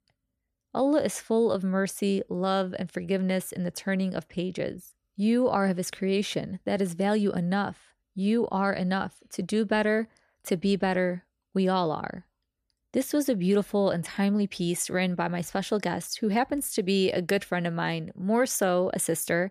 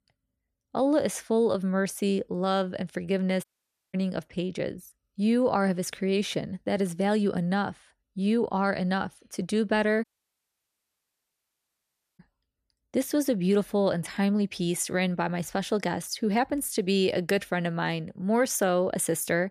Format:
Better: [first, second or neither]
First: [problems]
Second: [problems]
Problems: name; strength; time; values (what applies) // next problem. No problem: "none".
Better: first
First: none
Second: audio cutting out; at 3.5 s and at 10 s for 2 s